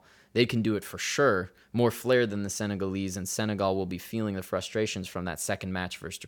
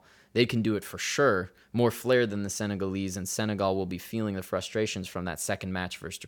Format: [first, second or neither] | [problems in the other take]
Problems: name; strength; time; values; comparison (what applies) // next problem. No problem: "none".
neither | none